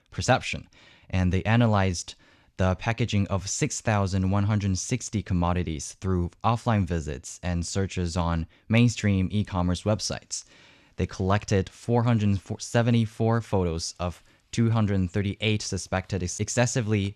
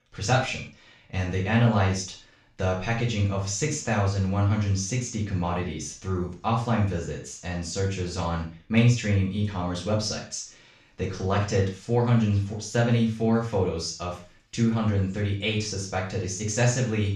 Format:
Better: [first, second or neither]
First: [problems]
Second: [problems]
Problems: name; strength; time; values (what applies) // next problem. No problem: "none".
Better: first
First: none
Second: room echo; noticeable; dies away in 0.4 s // off-mic speech; far